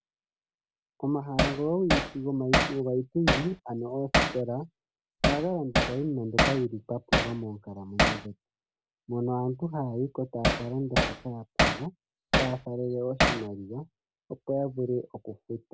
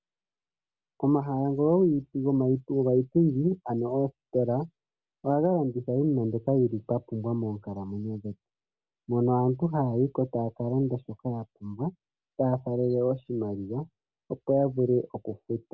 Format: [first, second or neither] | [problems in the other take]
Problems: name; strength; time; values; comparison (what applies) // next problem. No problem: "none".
second | background sound (Hammer); 3 dB above the speech